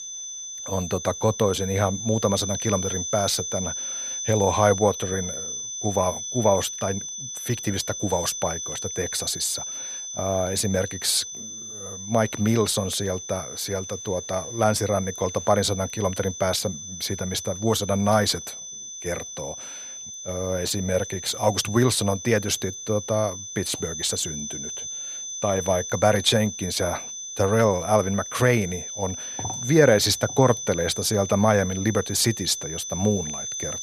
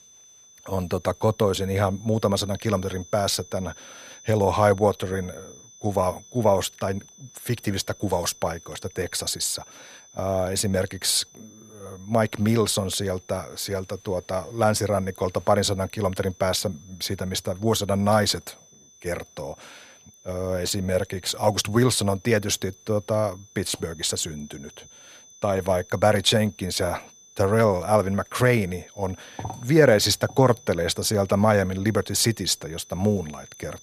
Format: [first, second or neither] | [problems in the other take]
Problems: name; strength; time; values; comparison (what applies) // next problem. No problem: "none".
second | high-pitched whine; loud; throughout; 6 kHz, 7 dB below the speech; faint in the second